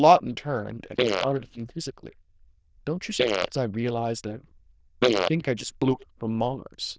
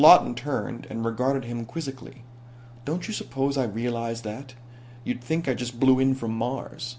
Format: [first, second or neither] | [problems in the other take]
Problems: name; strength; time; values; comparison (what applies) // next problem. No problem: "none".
second | noise reduction (neural diffusion model UNIVERSE++)